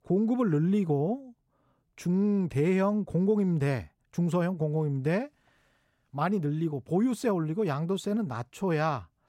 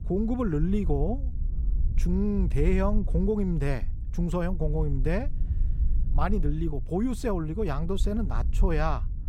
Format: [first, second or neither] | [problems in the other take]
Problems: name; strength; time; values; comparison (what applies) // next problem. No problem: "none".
first | wind noise on the microphone; occasional gusts; 20 dB below the speech